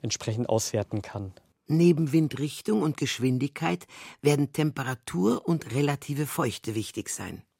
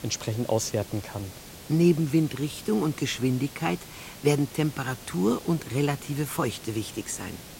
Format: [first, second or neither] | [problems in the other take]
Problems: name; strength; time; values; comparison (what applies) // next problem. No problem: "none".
first | hiss; noticeable; throughout; 15 dB below the speech